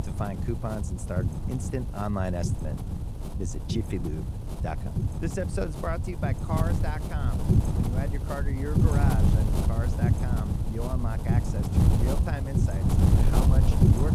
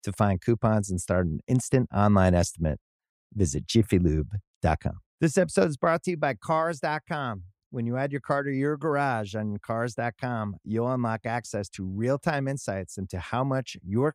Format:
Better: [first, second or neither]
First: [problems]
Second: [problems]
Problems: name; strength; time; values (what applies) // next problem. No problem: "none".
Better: second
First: wind noise on the microphone; heavy; 1 dB below the speech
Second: none